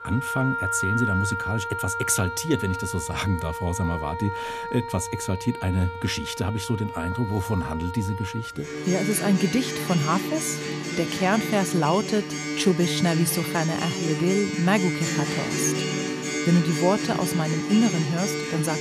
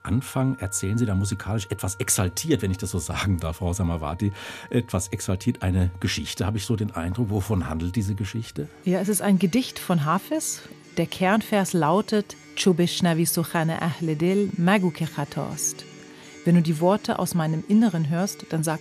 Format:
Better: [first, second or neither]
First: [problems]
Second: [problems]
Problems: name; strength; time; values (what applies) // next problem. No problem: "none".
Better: second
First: background music; loud; throughout; 4 dB below the speech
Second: background music; faint; throughout; 20 dB below the speech